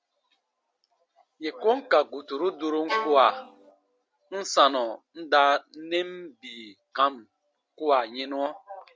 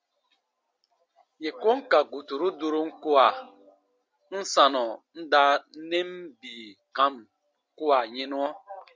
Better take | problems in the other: second | background sound (Bowed string instrument); 5 dB below the speech

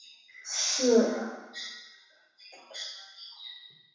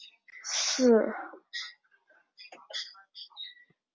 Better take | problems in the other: second | room echo; dies away in 1.1 s

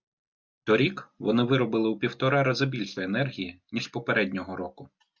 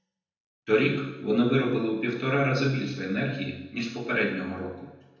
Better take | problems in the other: first | room echo; dies away in 0.9 s

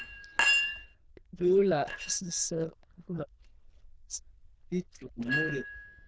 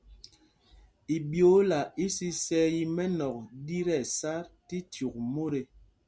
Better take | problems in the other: second | noise reduction (neural diffusion model UNIVERSE++)

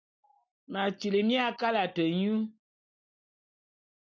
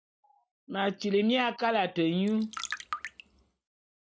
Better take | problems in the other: first | background sound (Trickle, dribble); 10 dB below the speech

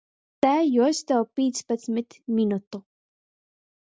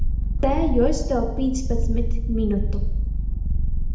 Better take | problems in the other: first | background sound (Purr); 5 dB above the speech // room echo; dies away in 0.8 s

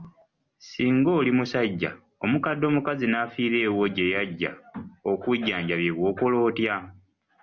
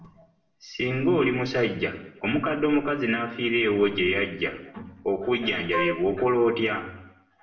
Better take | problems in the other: first | background sound (Wind instrument, woodwind instrument); 6 dB below the speech // room echo; dies away in 0.7 s

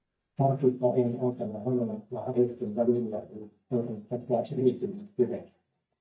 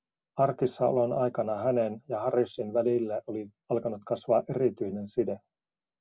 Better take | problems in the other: second | noise reduction (neural mask model DeepFilterNet 3)

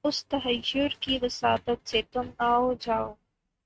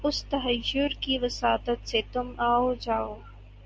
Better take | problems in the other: second | noise reduction (neural mask model RNNoise)

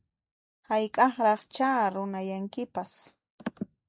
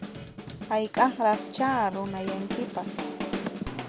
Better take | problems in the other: first | background sound (Drum kit); 7 dB below the speech

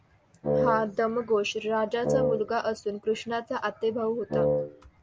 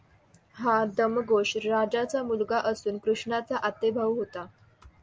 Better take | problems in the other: second | background sound (Wind instrument, woodwind instrument); 2 dB above the speech

